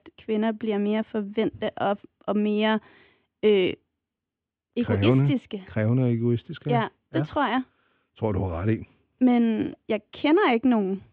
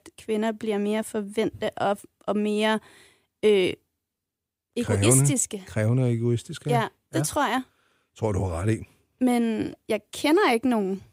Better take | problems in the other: second | muffled; very; fading above 3 kHz

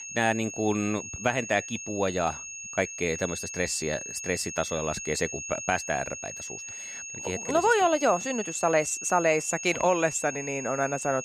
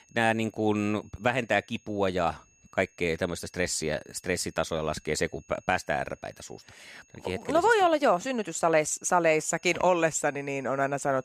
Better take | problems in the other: second | high-pitched whine; loud; throughout; 6.5 kHz, 8 dB below the speech; faint in the second

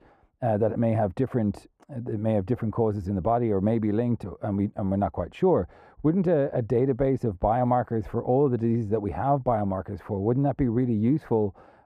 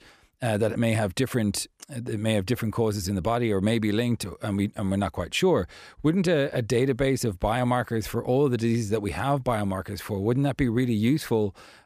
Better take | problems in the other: second | muffled; very; fading above 2 kHz

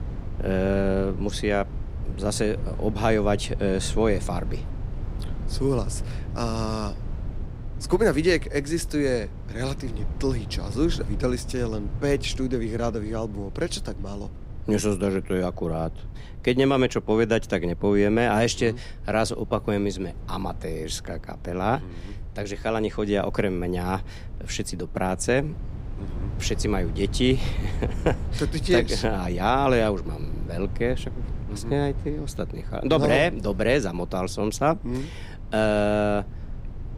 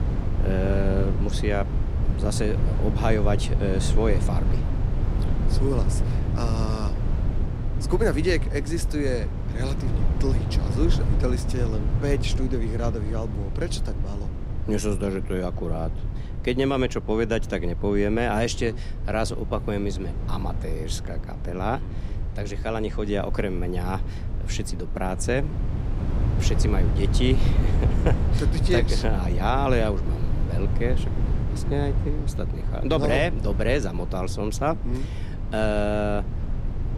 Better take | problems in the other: first | low rumble; loud; throughout; 10 dB below the speech; faint in the first

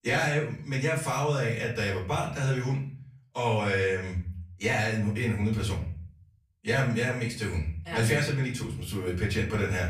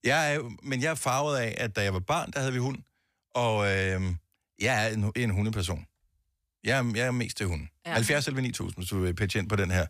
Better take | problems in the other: second | off-mic speech; far // room echo; slight; dies away in 0.6 s

